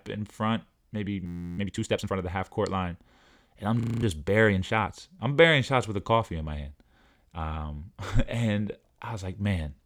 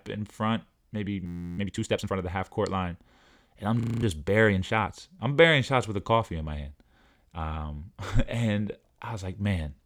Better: neither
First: audio freezing; at 1.5 s and at 4 s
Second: audio freezing; at 1.5 s and at 4 s

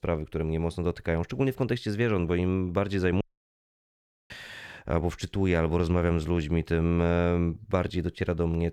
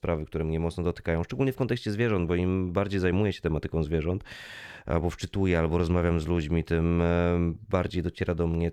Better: second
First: audio cutting out; at 3 s for 1 s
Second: none

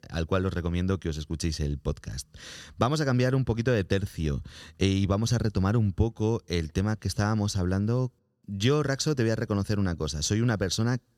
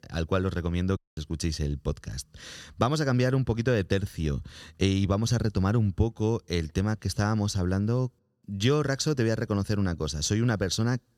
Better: first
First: none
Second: audio cutting out; at 1 s

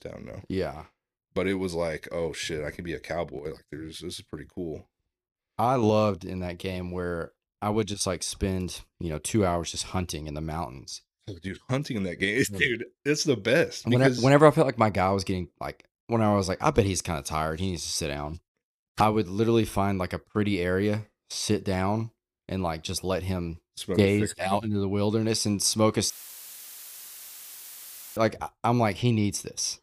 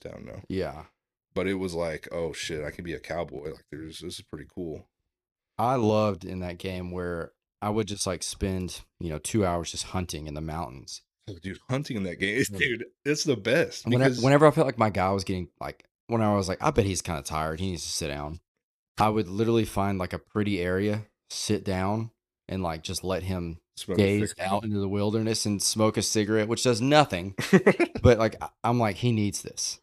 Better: second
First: audio cutting out; filled with static; at 26 s for 2 s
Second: none

